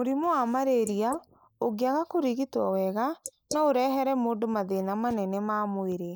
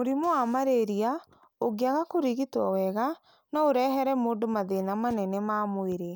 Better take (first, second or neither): second